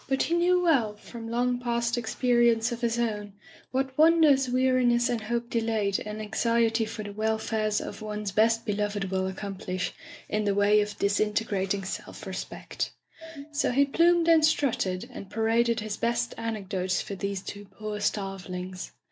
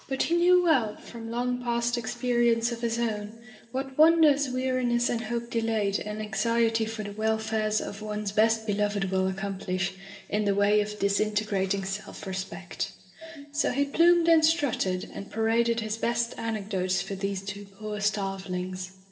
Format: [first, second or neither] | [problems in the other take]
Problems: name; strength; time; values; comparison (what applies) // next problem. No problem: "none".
first | room echo; dies away in 2.9 s